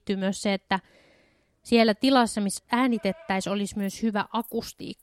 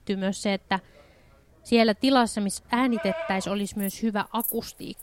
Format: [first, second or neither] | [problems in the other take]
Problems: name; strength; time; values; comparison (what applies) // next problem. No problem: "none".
first | animal sounds; loud; throughout; 9 dB below the speech; faint in the first